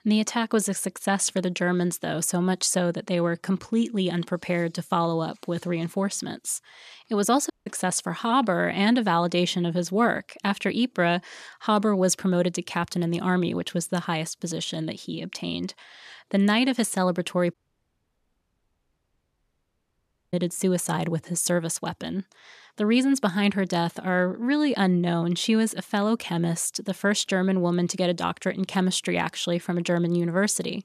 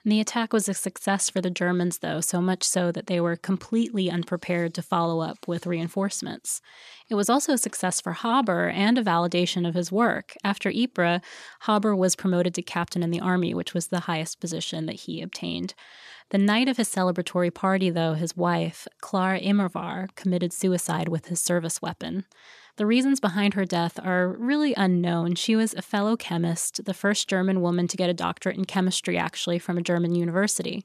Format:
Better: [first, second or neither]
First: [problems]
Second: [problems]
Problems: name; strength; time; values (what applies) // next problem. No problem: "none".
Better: second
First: audio cutting out; at 7.5 s and at 18 s for 3 s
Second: none